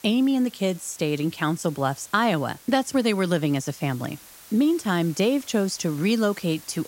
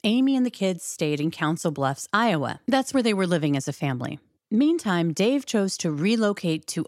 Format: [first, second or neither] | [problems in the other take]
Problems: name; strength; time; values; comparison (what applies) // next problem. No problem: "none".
second | hiss; faint; throughout; 20 dB below the speech